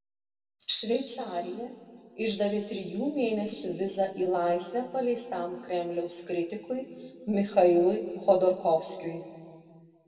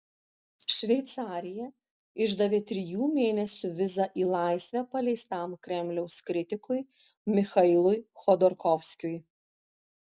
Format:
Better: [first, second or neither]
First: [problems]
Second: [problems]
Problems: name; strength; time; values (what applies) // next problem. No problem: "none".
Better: second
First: room echo; dies away in 1.9 s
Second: none